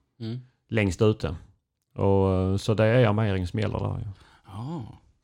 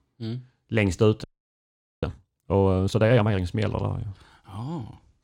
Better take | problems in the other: first | audio freezing; at 1 s for 1 s

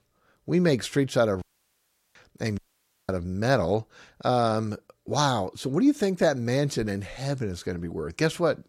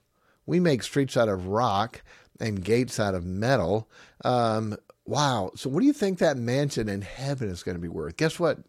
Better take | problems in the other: second | audio cutting out; at 1.5 s for 0.5 s and at 2.5 s for 0.5 s

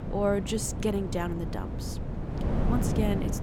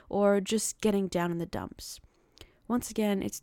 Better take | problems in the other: second | wind noise on the microphone; heavy; 6 dB below the speech

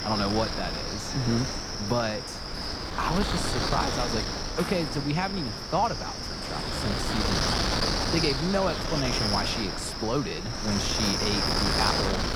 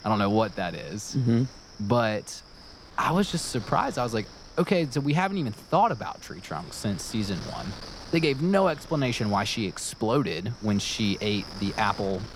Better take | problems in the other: second | wind noise on the microphone; heavy; 2 dB above the speech; occasional gusts in the second

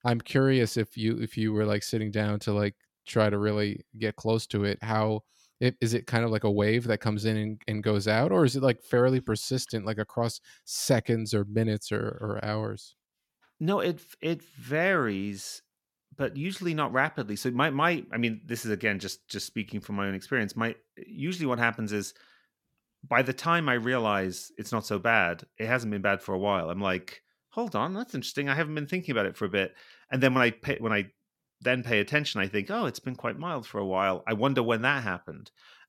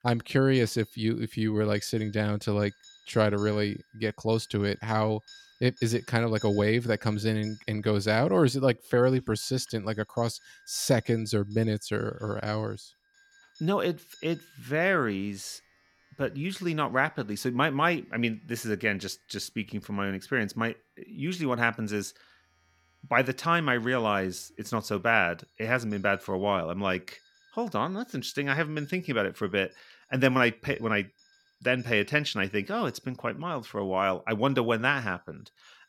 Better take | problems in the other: first | household noises; faint; throughout; 25 dB below the speech

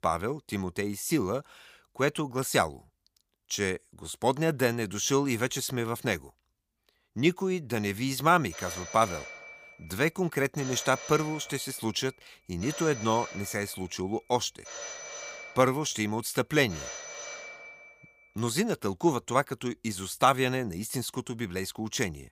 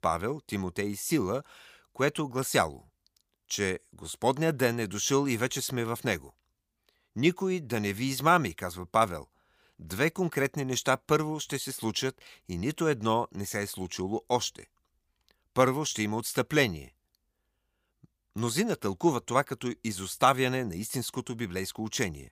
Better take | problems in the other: second | phone ringing; noticeable; from 8.5 to 18 s; peak 9 dB below the speech

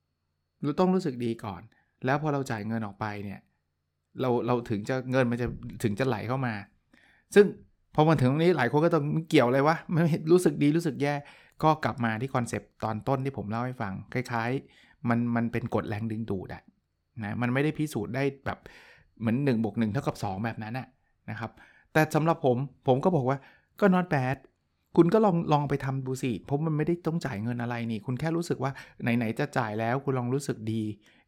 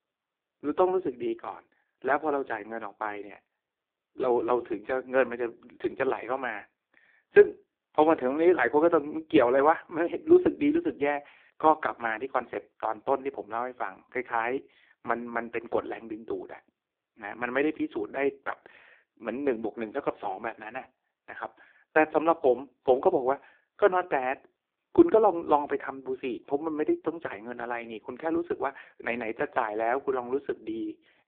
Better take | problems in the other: first | phone-call audio; poor line

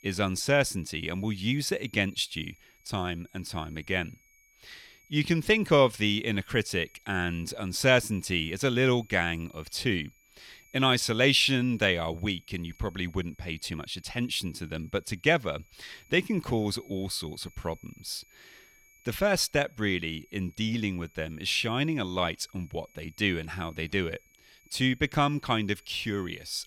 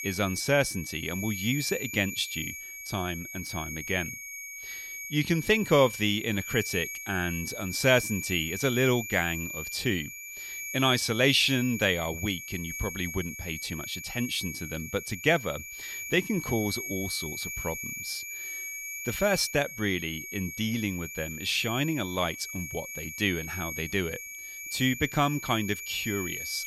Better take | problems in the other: first | high-pitched whine; loud; throughout; 2.5 kHz, 7 dB below the speech; faint in the first

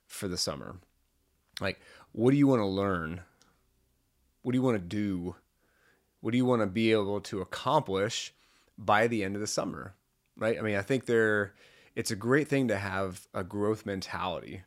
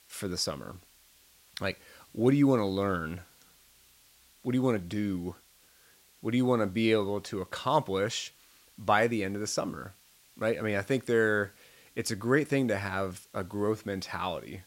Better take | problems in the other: first | hiss; faint; throughout; 30 dB below the speech

